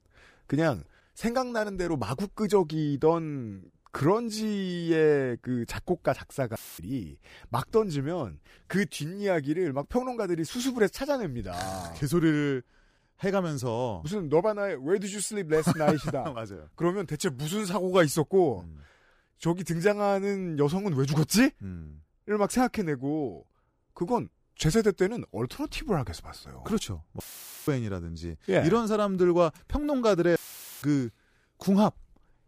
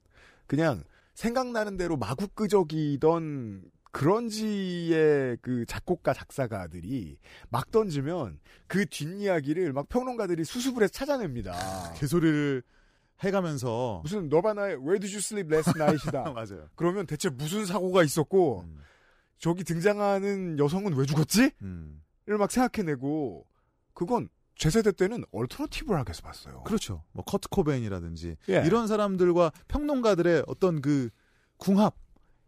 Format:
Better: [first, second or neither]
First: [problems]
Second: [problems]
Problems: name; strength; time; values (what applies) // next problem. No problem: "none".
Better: second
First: audio cutting out; filled with static; at 6.5 s, at 27 s and at 30 s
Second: none